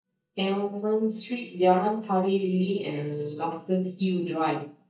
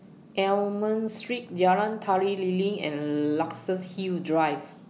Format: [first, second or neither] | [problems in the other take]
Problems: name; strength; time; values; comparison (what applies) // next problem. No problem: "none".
second | noise reduction (neural mask model DeepFilterNet 3)